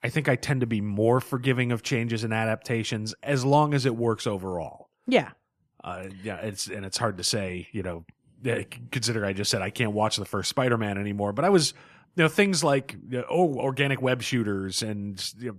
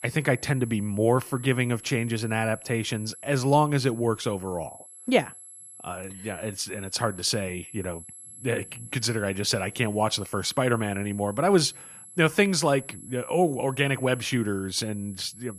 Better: first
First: none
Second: high-pitched whine; noticeable; throughout; 11 kHz, 15 dB below the speech

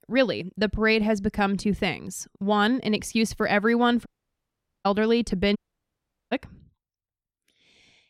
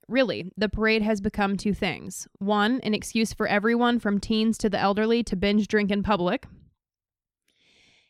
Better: second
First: audio cutting out; at 4 s for 1 s and at 5.5 s for 1 s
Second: none

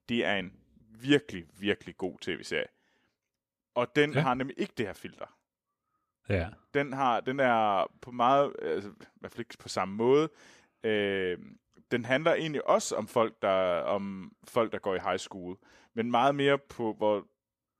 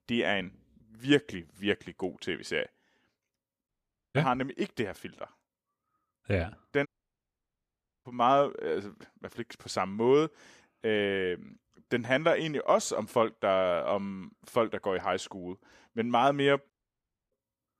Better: first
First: none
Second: audio cutting out; at 3.5 s, at 7 s for 1 s and at 17 s for 0.5 s

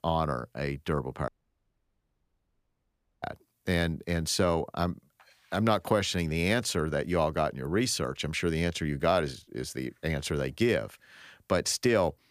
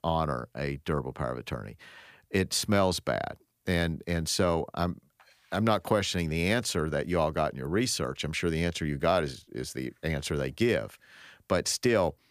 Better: second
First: audio cutting out; at 1.5 s for 2 s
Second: none

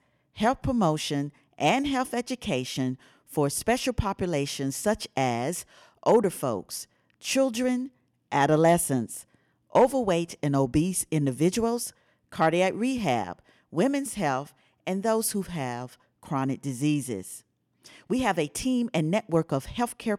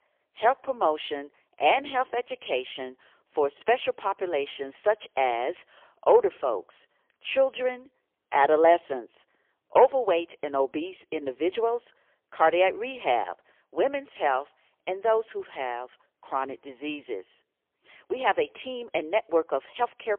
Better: first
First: none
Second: phone-call audio; poor line; nothing above 3.5 kHz

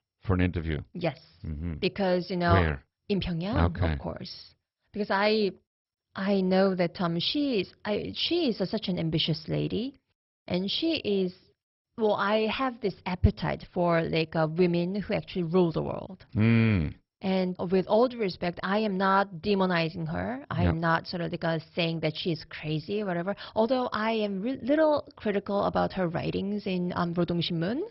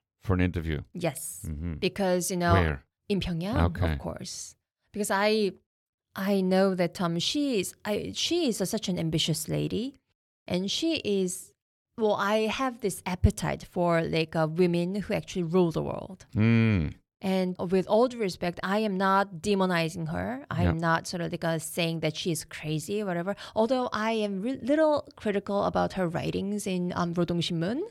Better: second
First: garbled, watery; badly; nothing above 5.5 kHz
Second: none

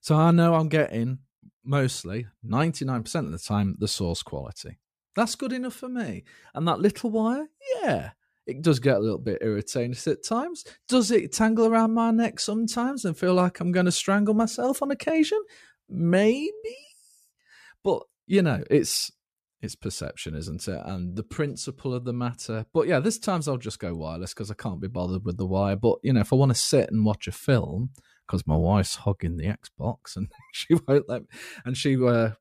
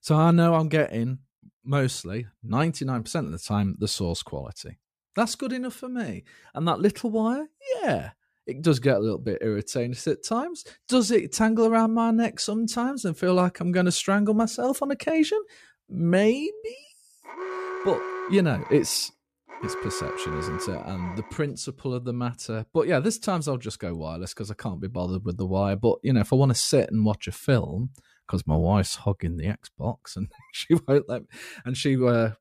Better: first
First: none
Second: alarm; noticeable; from 17 to 21 s; peak 7 dB below the speech

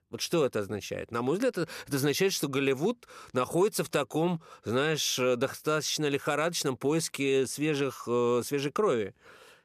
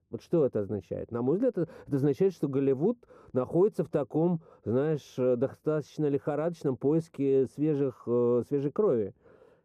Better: first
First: none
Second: muffled; very; fading above 1.5 kHz

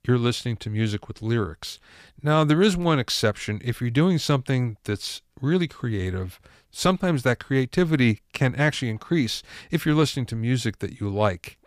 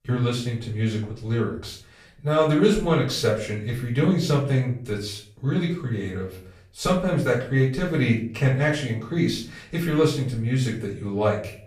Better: first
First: none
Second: off-mic speech; far // room echo; slight; dies away in 0.4 s

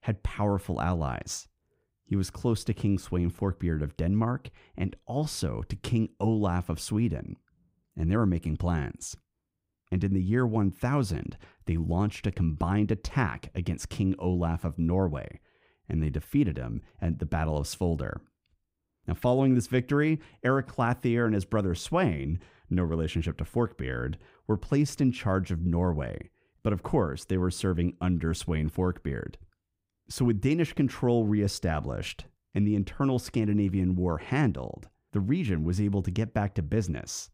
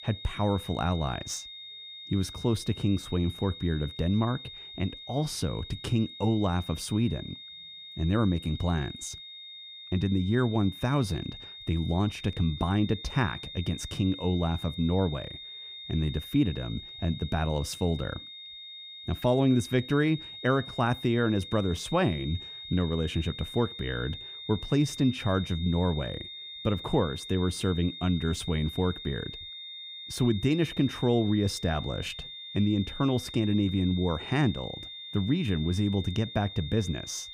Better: first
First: none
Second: high-pitched whine; noticeable; throughout; 3.5 kHz, 10 dB below the speech

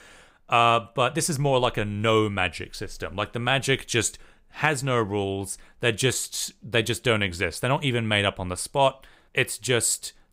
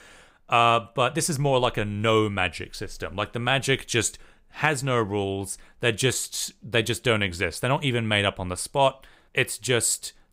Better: neither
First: none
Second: none

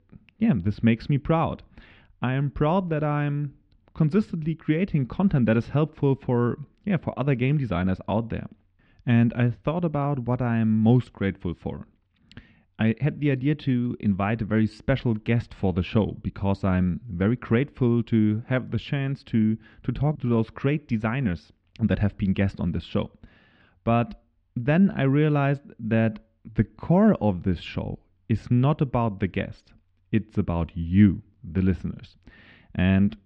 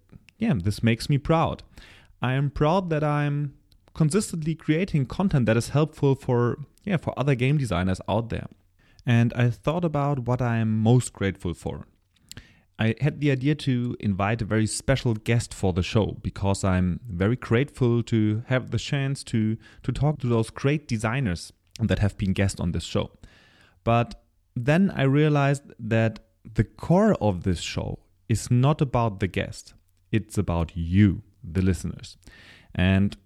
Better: second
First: muffled; slightly; fading above 3 kHz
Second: none

